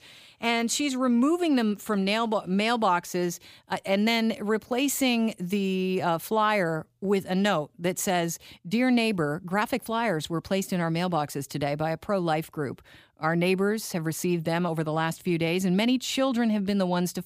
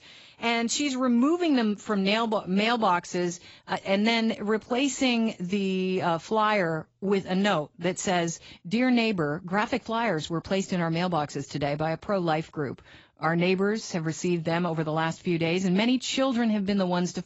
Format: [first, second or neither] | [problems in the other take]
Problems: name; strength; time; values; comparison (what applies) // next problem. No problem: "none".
first | garbled, watery; badly; nothing above 7.5 kHz